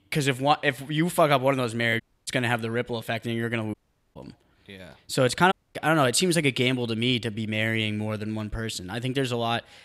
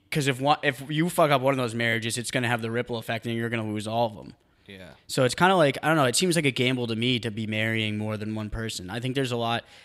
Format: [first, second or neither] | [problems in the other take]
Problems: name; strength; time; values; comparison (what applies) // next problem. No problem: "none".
second | audio cutting out; at 2 s, at 3.5 s and at 5.5 s